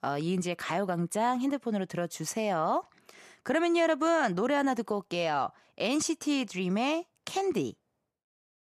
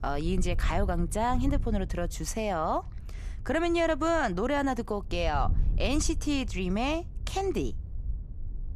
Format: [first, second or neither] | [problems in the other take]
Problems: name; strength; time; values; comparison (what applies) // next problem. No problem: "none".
first | wind noise on the microphone; occasional gusts; 25 dB below the speech